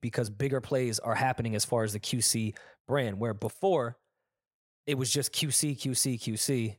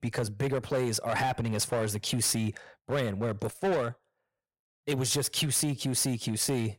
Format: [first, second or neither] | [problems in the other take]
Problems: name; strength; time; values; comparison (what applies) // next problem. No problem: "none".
first | distortion; slight; 10% of the sound clipped